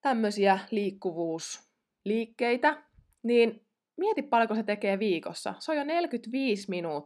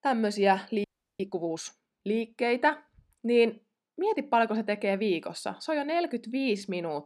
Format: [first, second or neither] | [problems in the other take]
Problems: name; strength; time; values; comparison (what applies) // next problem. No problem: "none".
first | audio freezing; at 1 s